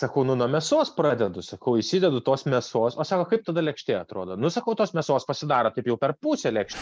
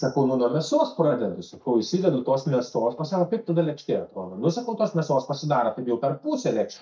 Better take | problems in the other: first | noise reduction (neural mask model DeepFilterNet 3)

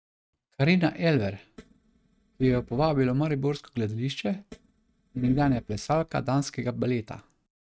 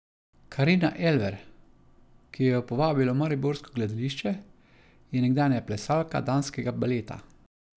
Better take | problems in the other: second | noise reduction (neural mask model RNNoise)

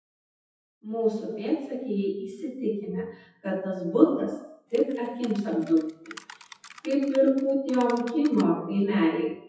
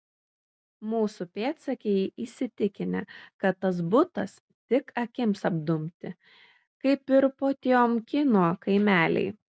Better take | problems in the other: second | noise reduction (classical method WPE with log-MMSE)

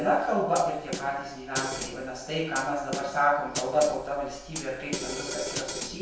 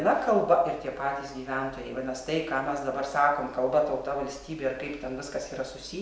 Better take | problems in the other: second | background sound (Snare drum); 9 dB below the speech // room echo; dies away in 0.3 s

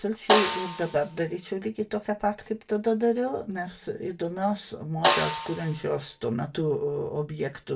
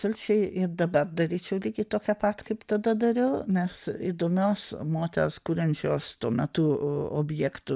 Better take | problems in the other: second | background sound (Snare drum); 3 dB below the speech // room echo; dies away in 0.2 s

